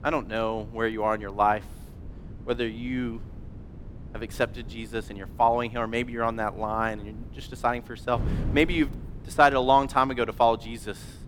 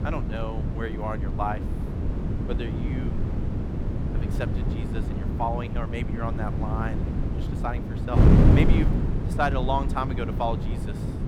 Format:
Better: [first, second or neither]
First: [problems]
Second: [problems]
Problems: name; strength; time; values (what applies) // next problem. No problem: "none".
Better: first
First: wind noise on the microphone; occasional gusts; 25 dB below the speech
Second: wind noise on the microphone; heavy; 4 dB below the speech